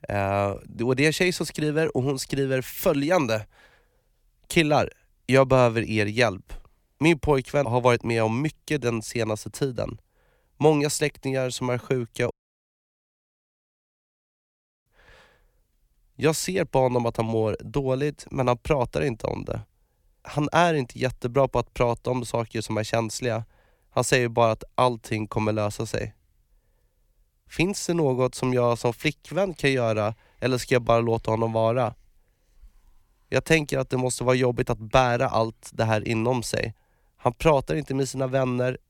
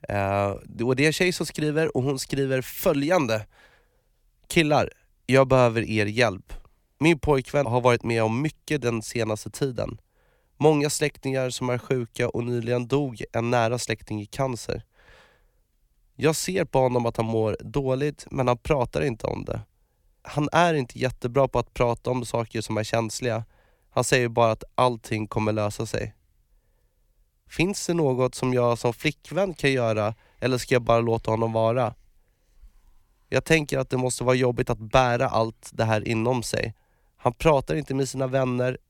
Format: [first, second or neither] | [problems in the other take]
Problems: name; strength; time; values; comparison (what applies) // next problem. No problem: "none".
second | audio cutting out; at 12 s for 2.5 s